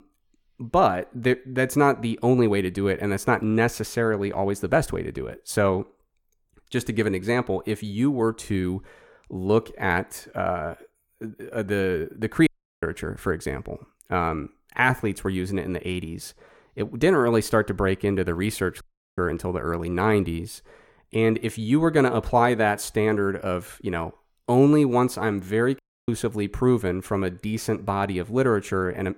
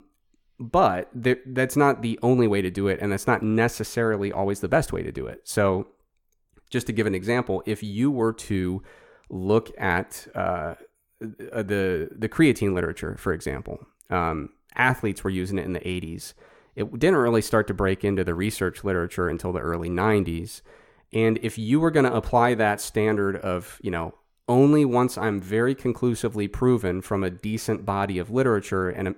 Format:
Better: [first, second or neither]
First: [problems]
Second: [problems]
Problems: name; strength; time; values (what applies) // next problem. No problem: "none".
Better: second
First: audio cutting out; at 12 s, at 19 s and at 26 s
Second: none